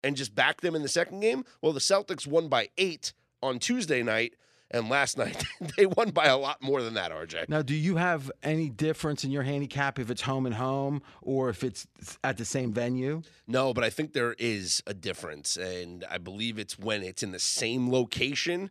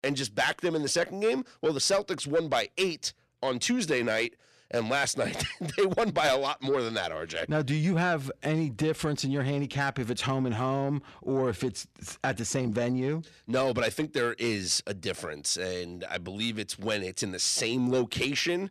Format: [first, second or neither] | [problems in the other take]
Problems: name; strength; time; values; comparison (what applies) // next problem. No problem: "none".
first | distortion; slight; 10 dB below the speech